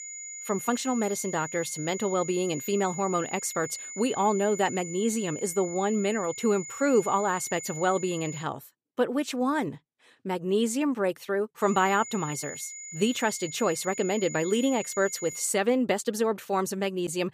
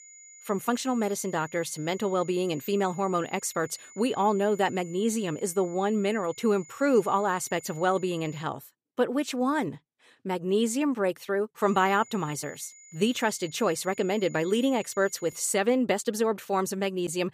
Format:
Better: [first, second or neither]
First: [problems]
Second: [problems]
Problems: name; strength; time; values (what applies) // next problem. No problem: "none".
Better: second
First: high-pitched whine; loud; until 8.5 s and from 12 to 15 s; 7 kHz, 10 dB below the speech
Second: high-pitched whine; faint; until 8.5 s and from 12 to 15 s; 7 kHz, 20 dB below the speech